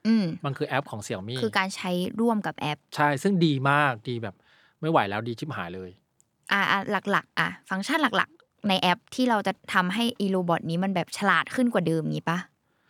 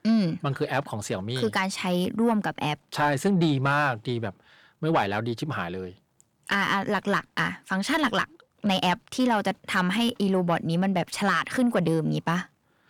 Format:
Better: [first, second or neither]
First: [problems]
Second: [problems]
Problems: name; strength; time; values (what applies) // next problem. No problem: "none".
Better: first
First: none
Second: distortion; slight; 10 dB below the speech